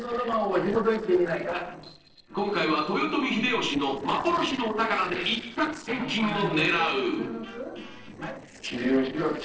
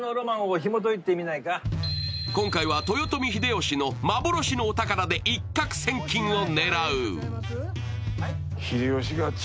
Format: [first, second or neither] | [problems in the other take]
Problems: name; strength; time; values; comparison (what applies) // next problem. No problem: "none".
second | noise reduction (neural separator model SepFormer DNS4)